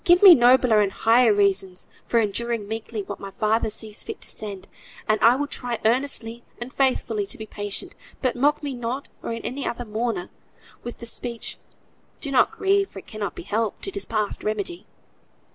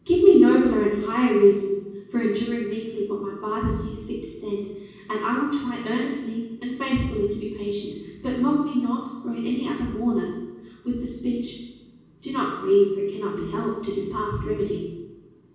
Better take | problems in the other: first | room echo; dies away in 1.2 s

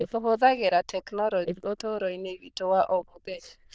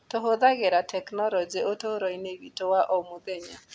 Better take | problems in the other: second | noise reduction (neural diffusion model UNIVERSE++)

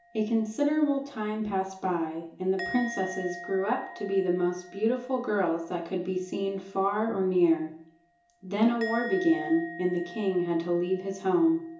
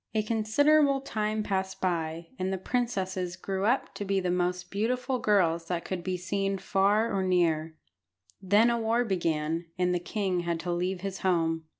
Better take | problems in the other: second | background sound (Musical instrument); 16 dB below the speech // room echo; dies away in 0.7 s

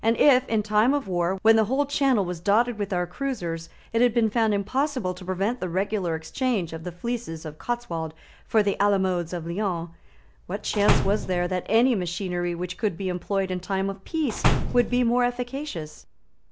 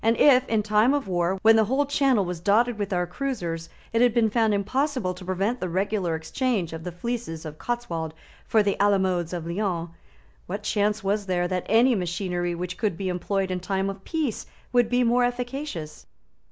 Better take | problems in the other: second | background sound (Slam); as loud as the speech

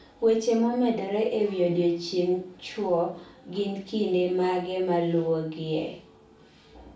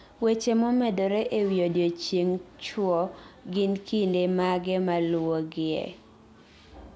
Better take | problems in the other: second | room echo; dies away in 0.4 s

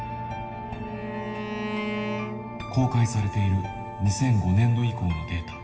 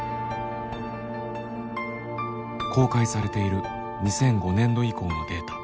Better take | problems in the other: second | background sound (Bowed string instrument); 9 dB below the speech // room echo; dies away in 2 s

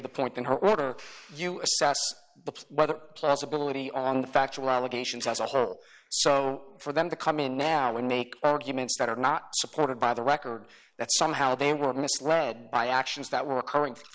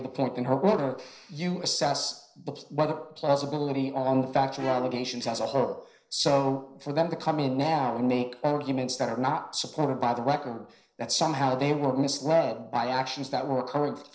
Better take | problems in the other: first | noise reduction (neural separator model SepFormer DNS4)

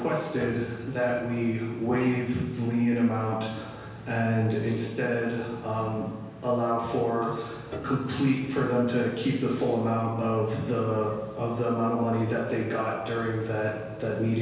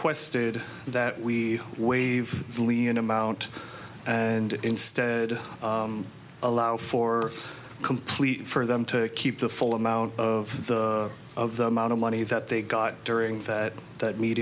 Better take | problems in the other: second | background sound (Piano); 19 dB below the speech // room echo; dies away in 1.2 s

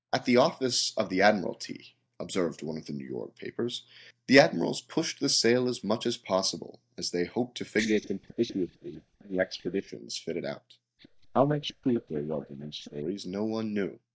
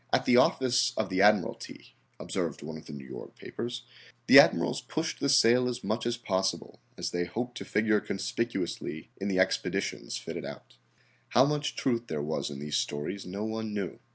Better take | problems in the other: second | noise reduction (neural mask model DeepFilterNet 3)

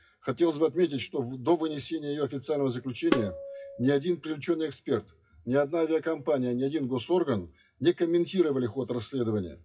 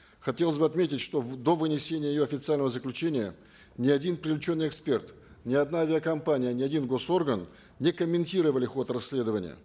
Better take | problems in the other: second | noise reduction (classical method WPE with log-MMSE)

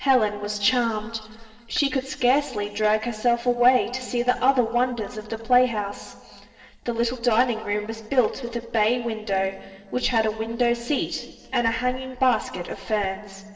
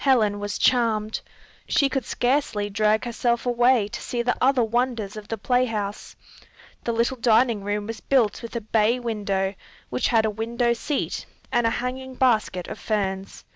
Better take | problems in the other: second | noise reduction (neural separator model SepFormer DNS4)

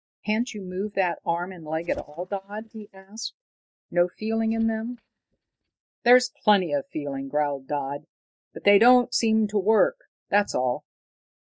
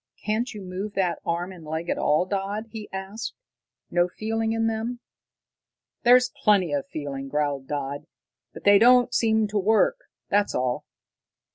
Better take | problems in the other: second | noise reduction (neural mask model DeepFilterNet 3)

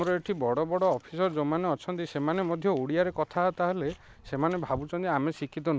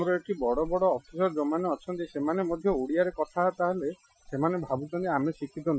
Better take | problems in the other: first | noise reduction (classical method Wiener filter)

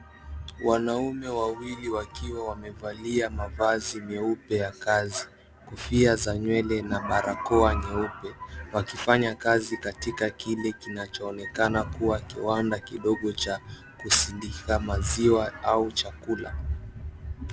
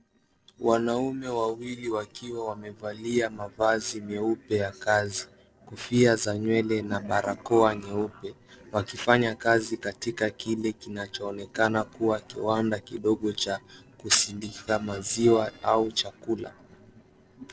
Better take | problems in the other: first | noise reduction (neural separator model SepFormer DNS4)

